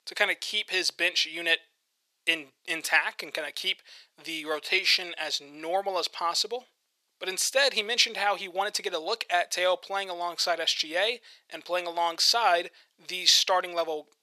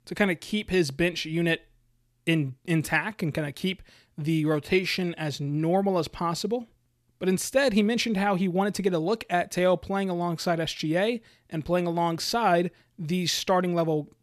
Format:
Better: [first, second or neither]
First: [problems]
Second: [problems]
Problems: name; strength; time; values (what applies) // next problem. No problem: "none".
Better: second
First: thin; very; fading below 550 Hz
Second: none